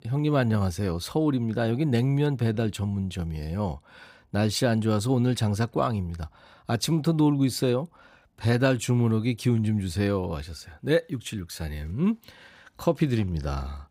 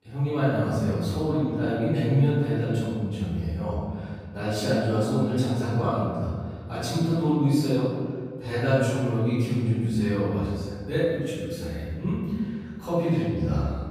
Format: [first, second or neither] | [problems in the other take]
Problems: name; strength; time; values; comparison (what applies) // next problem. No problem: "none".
first | off-mic speech; far // room echo; strong; dies away in 1.8 s